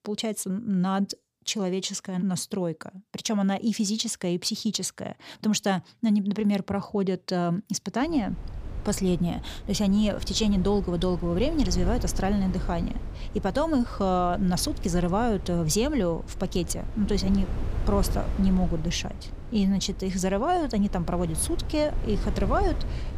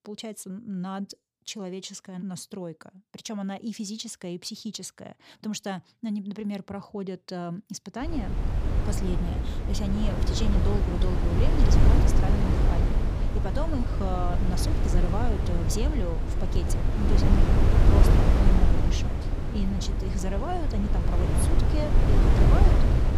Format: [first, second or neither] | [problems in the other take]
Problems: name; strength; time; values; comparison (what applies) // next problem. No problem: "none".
first | wind noise on the microphone; heavy; from 8 s on; 2 dB above the speech; occasional gusts in the first